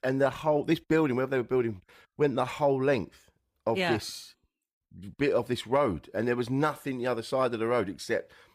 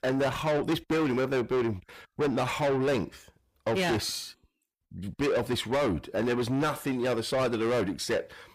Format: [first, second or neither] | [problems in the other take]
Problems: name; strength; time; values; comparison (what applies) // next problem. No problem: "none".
first | distortion; heavy; 7 dB below the speech